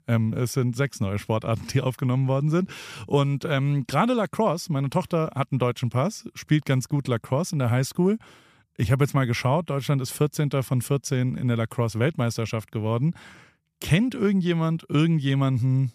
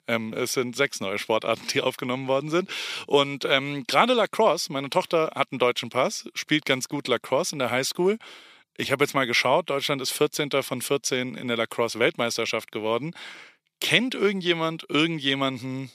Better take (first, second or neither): first